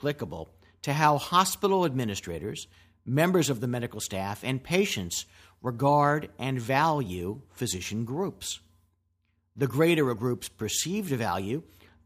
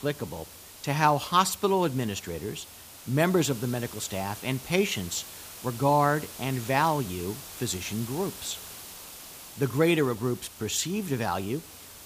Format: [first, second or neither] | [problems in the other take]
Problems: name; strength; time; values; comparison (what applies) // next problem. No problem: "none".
first | hiss; noticeable; throughout; 15 dB below the speech